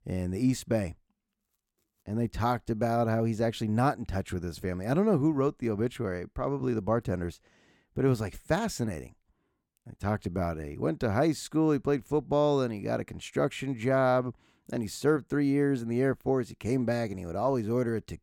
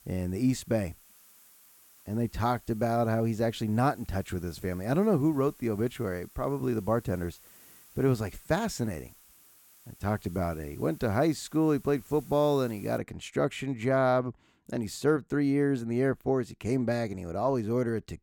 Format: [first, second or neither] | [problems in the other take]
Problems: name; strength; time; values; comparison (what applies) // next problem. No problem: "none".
first | hiss; faint; until 13 s; 25 dB below the speech